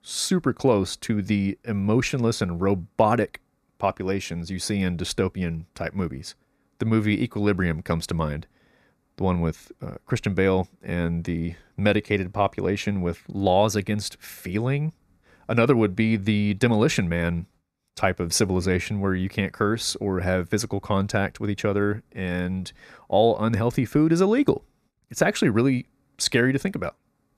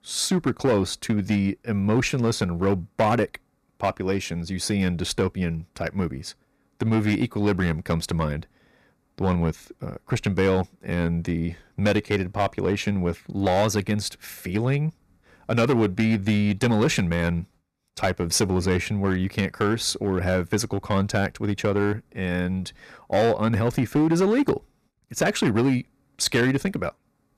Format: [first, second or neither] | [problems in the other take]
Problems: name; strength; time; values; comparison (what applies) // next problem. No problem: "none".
first | distortion; slight; 5% of the sound clipped